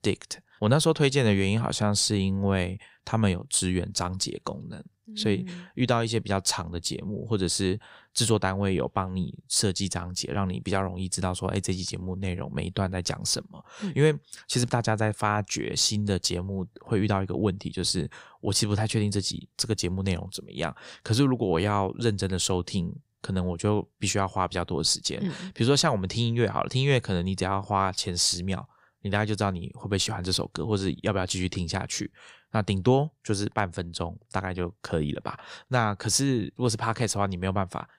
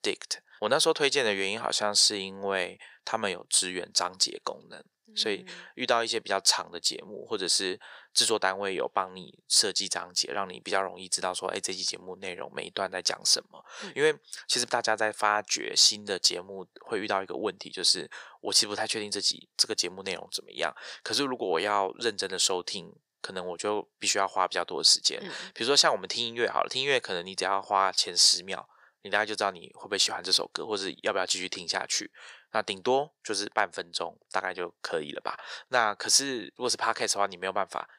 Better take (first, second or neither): first